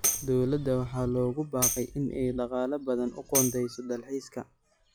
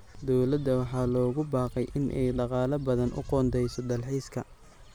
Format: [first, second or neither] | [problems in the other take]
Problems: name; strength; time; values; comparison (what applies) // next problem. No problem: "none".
second | noise reduction (classical method log-MMSE)